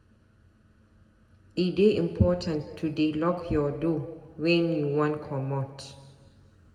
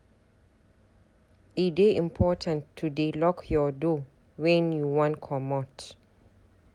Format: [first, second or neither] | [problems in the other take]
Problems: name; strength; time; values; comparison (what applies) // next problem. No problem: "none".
second | room echo; dies away in 1.4 s